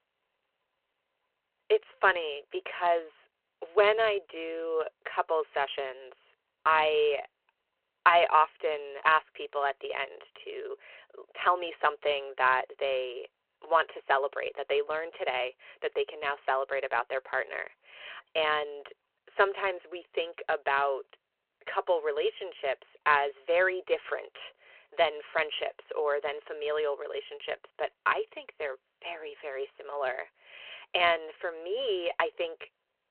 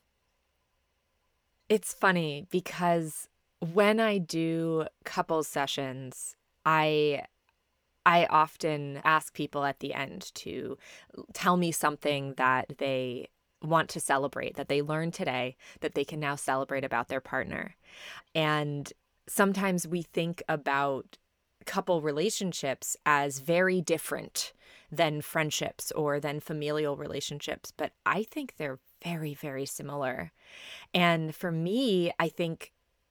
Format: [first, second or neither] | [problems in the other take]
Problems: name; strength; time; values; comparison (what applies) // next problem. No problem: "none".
second | phone-call audio